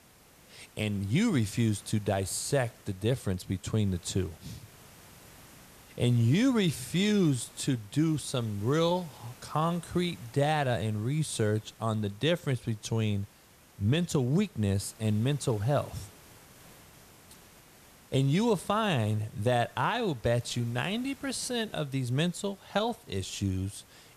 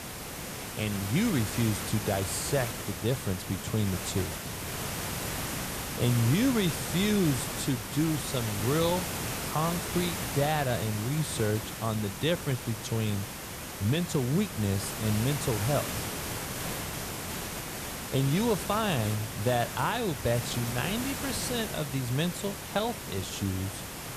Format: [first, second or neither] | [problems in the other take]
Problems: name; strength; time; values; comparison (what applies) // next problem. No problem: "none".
first | hiss; loud; throughout; 5 dB below the speech; faint in the first